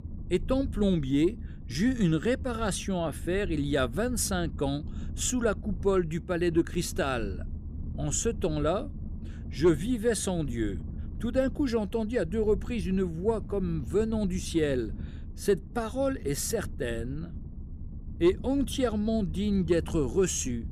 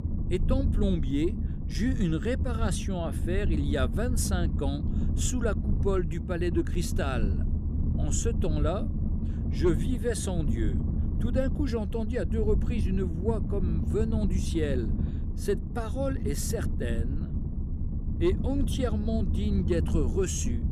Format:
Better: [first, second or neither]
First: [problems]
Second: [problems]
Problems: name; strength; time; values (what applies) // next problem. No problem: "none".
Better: first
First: low rumble; faint; throughout; 20 dB below the speech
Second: low rumble; loud; throughout; 8 dB below the speech